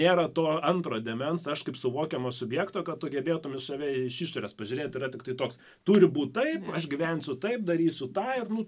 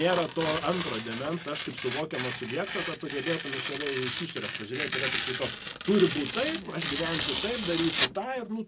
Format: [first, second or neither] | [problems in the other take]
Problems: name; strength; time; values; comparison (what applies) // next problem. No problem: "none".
first | background sound (Tearing); 4 dB below the speech